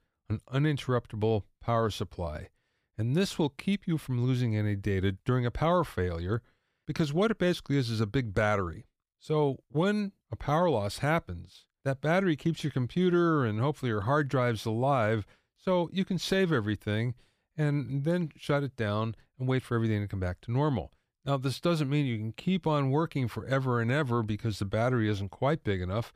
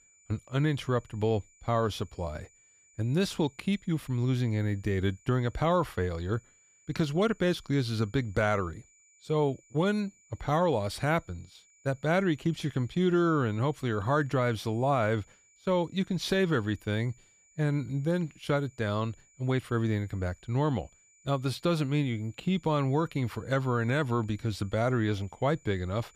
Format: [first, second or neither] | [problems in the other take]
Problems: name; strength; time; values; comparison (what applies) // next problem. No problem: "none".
first | high-pitched whine; faint; throughout; 7 kHz, 30 dB below the speech